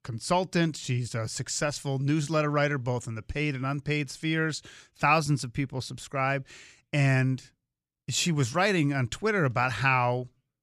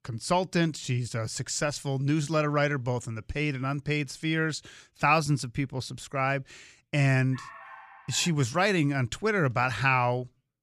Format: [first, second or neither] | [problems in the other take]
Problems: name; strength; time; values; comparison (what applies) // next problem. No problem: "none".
first | dog barking; faint; at 7.5 s; peak 15 dB below the speech